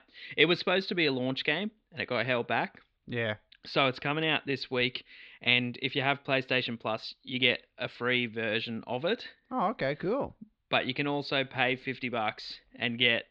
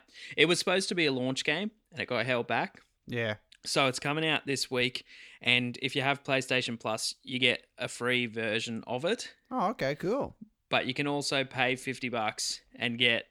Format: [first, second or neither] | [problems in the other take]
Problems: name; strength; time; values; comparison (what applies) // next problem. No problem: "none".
second | muffled; very slightly; fading above 4 kHz